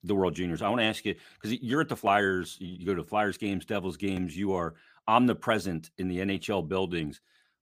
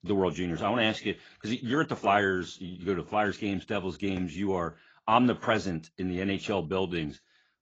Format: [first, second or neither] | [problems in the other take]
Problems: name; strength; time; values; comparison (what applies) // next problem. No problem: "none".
first | garbled, watery; badly; nothing above 7.5 kHz